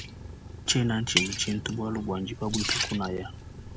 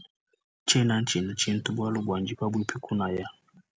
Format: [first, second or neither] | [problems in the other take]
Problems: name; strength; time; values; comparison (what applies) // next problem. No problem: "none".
second | background sound (Liquid); 4 dB below the speech